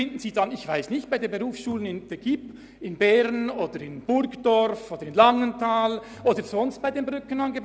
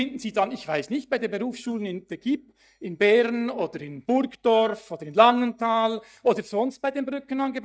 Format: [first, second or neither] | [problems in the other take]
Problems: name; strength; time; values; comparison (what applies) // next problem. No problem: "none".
first | noise reduction (neural mask model DeepFilterNet 3)